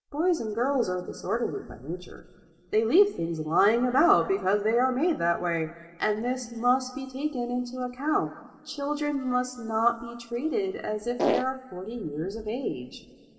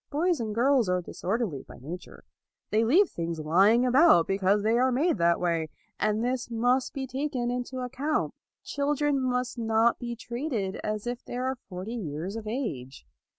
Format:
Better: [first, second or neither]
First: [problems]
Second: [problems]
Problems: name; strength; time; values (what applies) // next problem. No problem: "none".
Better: second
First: background sound (Fart); 2 dB above the speech // room echo; dies away in 2.8 s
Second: none